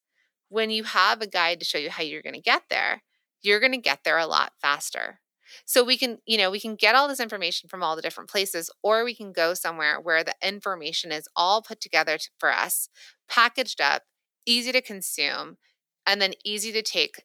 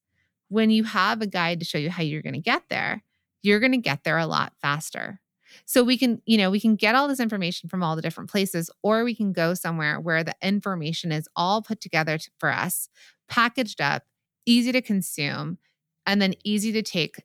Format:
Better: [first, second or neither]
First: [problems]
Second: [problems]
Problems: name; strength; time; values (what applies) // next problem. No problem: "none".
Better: second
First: thin; very; fading below 400 Hz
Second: none